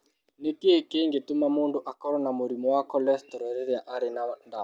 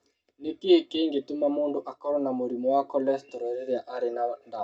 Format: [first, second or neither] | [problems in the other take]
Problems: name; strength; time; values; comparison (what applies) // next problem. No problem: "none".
first | room echo; dies away in 0.2 s